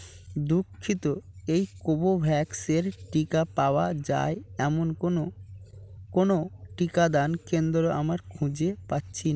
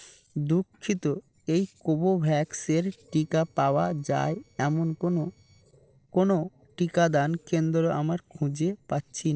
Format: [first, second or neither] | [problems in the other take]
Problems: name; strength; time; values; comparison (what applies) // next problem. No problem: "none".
first | noise reduction (neural separator model SepFormer DNS4)